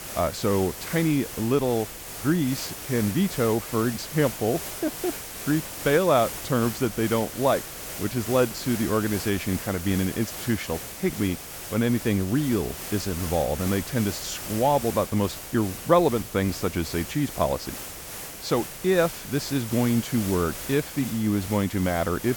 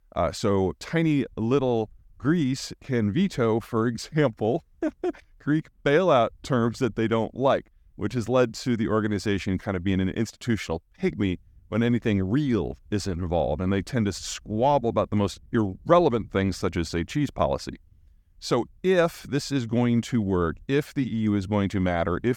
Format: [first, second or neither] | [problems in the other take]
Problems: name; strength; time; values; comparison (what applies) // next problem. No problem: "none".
second | hiss; loud; throughout; 9 dB below the speech